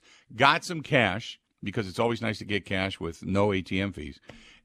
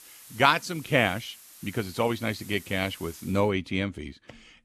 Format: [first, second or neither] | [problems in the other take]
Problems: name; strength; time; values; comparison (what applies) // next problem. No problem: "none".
first | hiss; noticeable; until 3.5 s; 20 dB below the speech